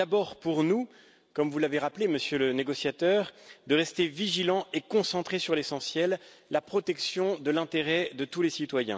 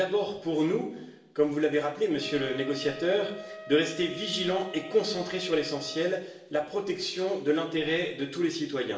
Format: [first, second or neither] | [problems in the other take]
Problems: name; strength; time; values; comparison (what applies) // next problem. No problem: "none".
first | background sound (Wind instrument, woodwind instrument); 18 dB below the speech // room echo; dies away in 0.8 s